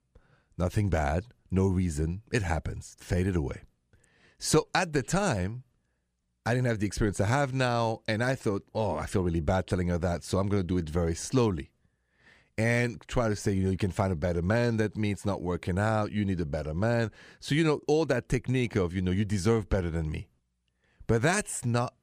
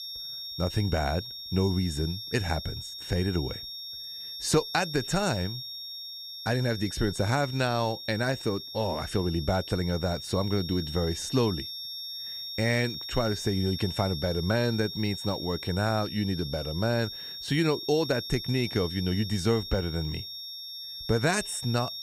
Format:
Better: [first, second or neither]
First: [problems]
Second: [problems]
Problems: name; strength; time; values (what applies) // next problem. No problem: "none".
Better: first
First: none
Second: high-pitched whine; loud; throughout; 5.5 kHz, 7 dB below the speech